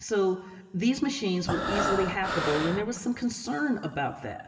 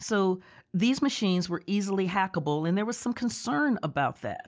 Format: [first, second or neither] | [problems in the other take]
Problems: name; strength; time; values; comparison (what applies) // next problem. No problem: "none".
second | background sound (Breathing); 2 dB below the speech // room echo; dies away in 1.7 s